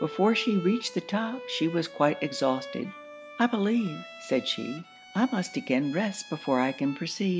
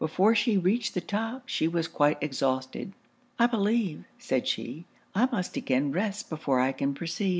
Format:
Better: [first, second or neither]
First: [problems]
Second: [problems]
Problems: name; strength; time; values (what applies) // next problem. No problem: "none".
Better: second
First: background sound (Bowed string instrument); 15 dB below the speech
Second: none